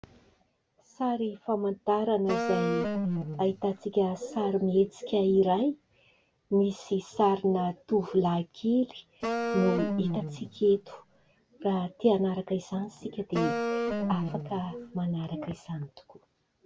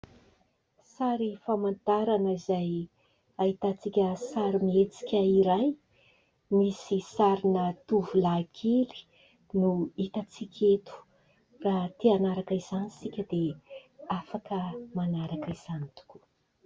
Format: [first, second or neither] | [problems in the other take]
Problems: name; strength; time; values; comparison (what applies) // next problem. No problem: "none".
second | background sound (Wind instrument, woodwind instrument); 3 dB below the speech